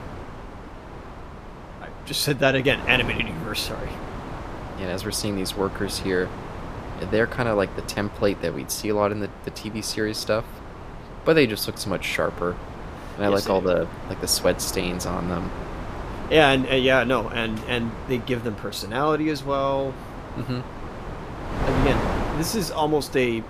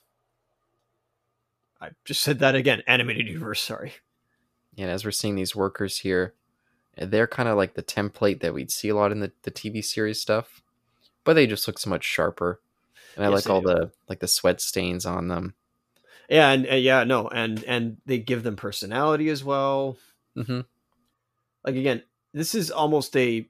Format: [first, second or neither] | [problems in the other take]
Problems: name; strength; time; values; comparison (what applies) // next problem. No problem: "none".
second | wind noise on the microphone; occasional gusts; 10 dB below the speech